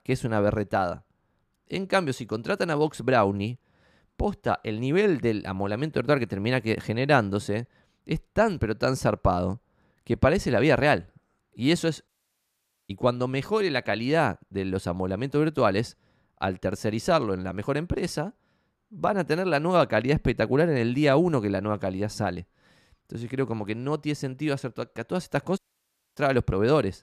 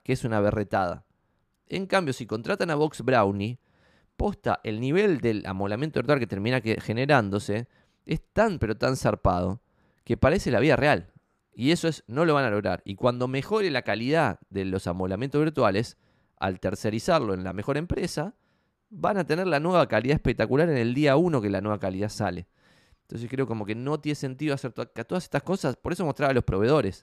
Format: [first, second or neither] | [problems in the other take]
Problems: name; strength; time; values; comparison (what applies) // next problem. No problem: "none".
second | audio cutting out; at 12 s for 1 s and at 26 s for 0.5 s